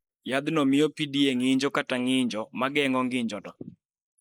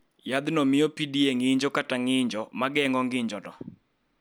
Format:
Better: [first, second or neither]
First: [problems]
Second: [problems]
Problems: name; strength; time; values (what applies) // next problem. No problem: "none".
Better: second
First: noise reduction (neural mask model Resemble Enhance denoiser)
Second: none